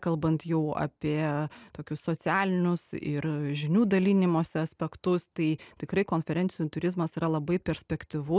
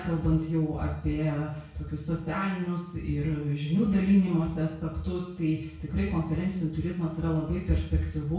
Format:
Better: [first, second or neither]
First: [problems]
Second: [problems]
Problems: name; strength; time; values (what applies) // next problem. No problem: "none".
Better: first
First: none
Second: room echo; dies away in 0.6 s